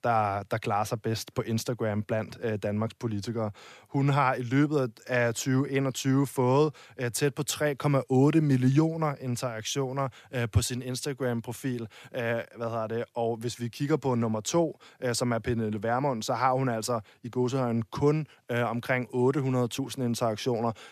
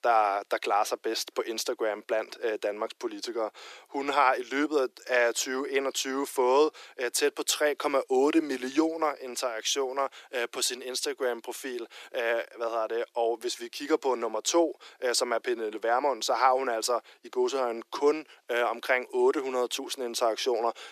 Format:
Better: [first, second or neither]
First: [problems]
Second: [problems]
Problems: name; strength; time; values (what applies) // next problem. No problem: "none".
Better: first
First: none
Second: thin; very; fading below 350 Hz